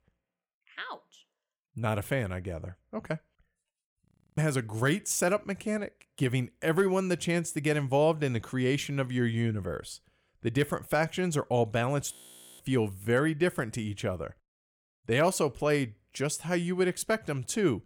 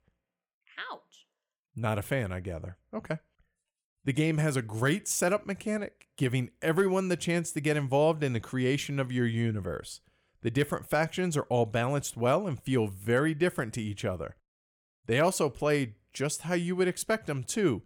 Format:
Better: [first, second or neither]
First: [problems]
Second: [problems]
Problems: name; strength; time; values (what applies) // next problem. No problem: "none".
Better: second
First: audio freezing; at 4 s and at 12 s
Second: none